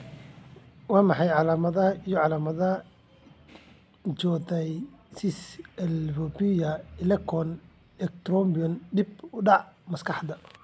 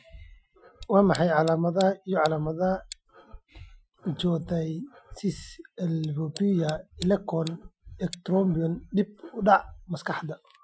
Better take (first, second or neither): first